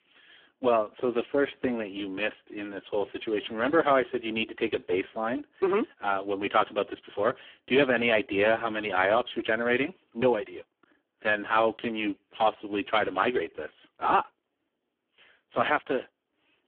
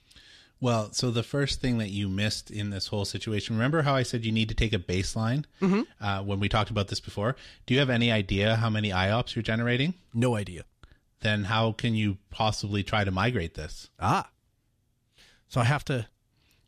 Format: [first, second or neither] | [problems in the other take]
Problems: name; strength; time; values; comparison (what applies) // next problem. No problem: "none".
second | phone-call audio; poor line